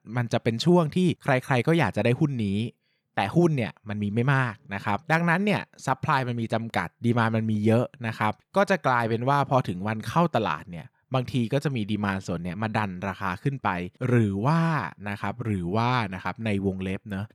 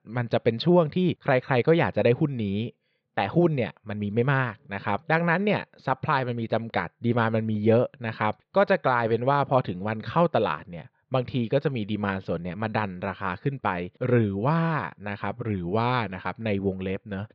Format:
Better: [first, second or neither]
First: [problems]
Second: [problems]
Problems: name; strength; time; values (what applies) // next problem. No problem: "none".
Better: first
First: none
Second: muffled; very slightly; fading above 4 kHz